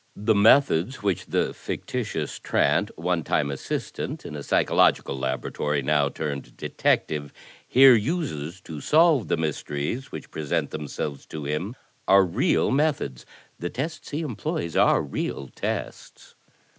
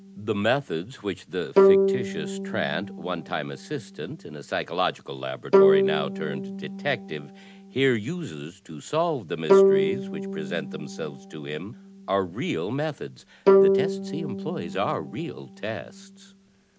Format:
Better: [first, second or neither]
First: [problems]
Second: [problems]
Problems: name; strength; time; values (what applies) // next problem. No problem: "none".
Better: first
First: none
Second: background sound (Bowed string instrument); 4 dB above the speech